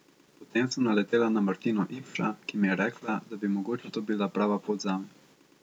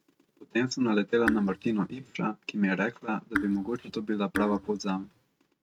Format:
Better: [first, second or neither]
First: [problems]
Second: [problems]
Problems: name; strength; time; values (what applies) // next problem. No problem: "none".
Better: first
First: none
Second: noise reduction (neural mask model RNNoise)